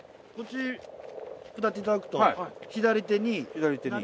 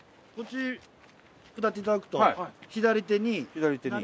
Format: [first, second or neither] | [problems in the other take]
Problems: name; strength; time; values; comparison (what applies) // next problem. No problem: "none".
second | background sound (Frog); 16 dB below the speech